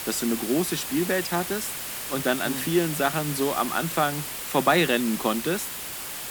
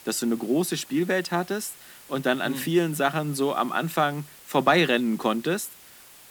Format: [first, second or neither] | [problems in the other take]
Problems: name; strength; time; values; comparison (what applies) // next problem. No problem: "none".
second | hiss; loud; throughout; 5 dB below the speech; faint in the second